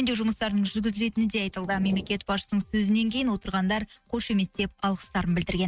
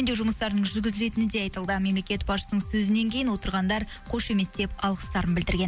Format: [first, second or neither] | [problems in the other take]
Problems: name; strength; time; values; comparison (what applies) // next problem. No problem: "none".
second | noise reduction (neural mask model RNNoise)